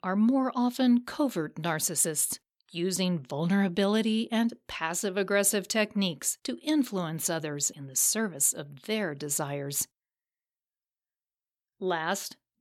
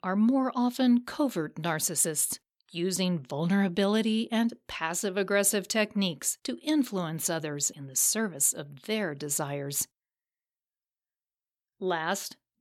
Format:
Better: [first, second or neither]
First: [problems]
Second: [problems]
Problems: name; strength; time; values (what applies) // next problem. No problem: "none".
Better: neither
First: none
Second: none